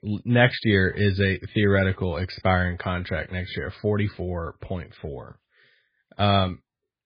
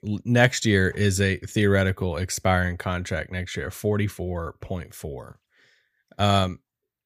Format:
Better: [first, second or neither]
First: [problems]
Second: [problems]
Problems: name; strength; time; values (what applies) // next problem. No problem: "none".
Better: second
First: garbled, watery; badly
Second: none